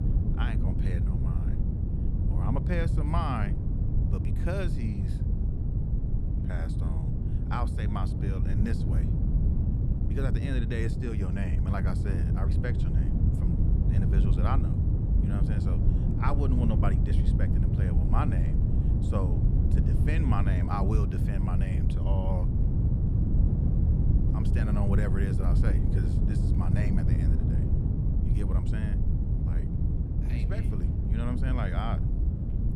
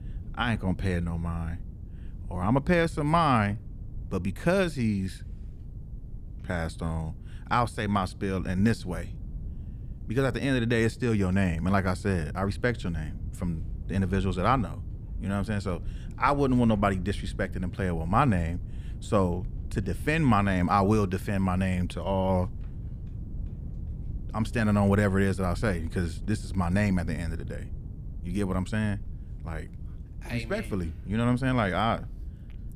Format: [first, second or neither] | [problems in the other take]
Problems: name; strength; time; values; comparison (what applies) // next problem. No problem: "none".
second | low rumble; loud; throughout; 2 dB below the speech; faint in the second